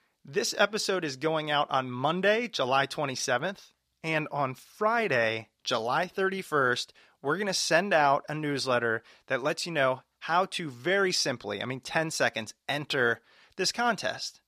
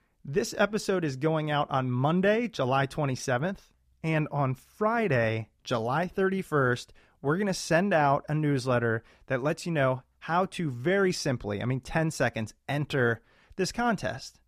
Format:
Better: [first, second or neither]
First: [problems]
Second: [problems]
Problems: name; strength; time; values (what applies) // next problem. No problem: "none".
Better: second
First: thin; somewhat; fading below 550 Hz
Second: none